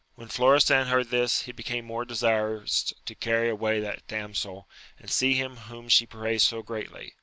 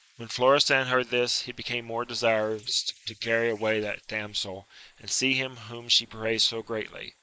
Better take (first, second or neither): first